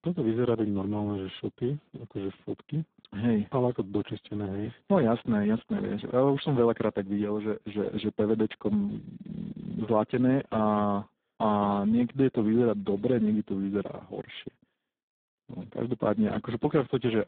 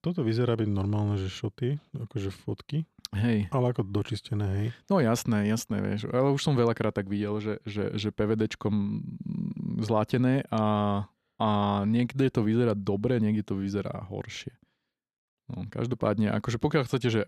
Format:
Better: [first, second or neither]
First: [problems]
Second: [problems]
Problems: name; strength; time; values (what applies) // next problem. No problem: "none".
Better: second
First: phone-call audio; poor line; nothing above 4 kHz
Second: none